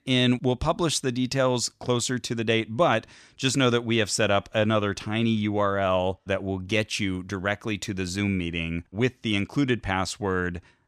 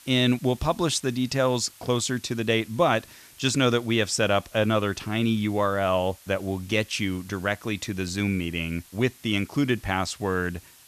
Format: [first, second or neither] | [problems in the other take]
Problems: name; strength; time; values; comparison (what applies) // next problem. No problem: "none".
first | hiss; faint; throughout; 25 dB below the speech